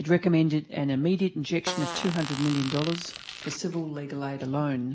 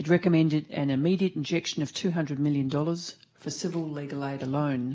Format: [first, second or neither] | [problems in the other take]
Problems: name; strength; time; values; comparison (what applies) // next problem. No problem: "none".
second | background sound (Fart); 9 dB below the speech